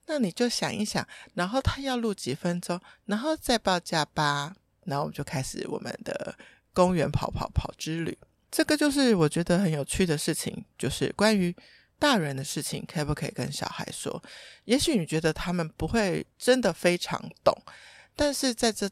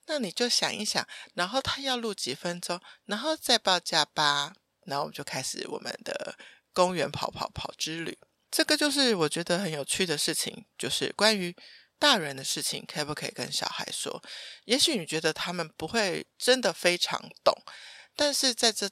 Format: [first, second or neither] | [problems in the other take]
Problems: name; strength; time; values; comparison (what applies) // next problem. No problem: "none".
first | thin; very slightly; fading below 550 Hz